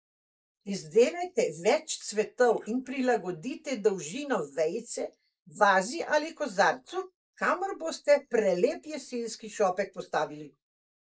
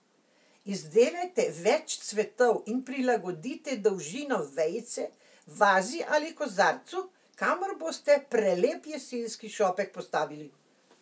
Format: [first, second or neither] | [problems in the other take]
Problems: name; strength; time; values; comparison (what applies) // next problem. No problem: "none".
second | noise reduction (neural mask model Resemble Enhance denoiser)